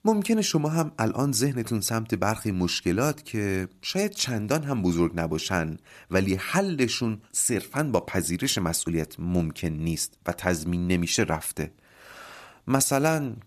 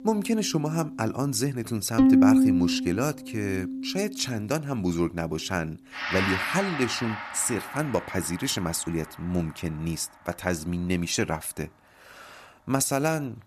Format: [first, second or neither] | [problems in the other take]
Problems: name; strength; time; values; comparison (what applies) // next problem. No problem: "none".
first | background music; very loud; throughout; 2 dB above the speech